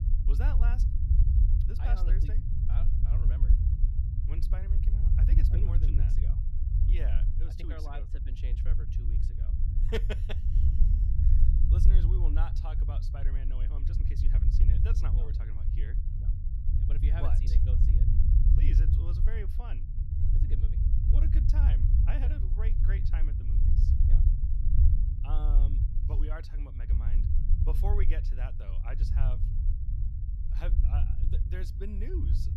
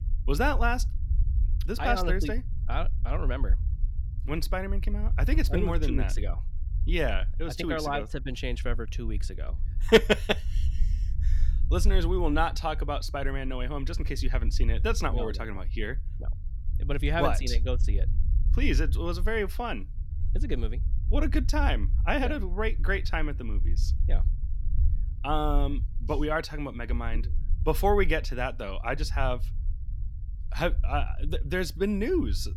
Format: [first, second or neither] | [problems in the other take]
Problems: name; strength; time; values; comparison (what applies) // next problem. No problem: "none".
second | low rumble; loud; throughout; 1 dB below the speech; faint in the second